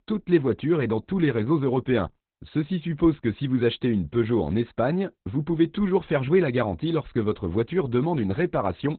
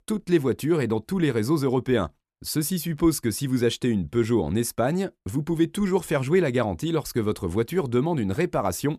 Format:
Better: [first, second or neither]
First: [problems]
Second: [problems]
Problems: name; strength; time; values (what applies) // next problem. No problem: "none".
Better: second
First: garbled, watery; badly; nothing above 4 kHz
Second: none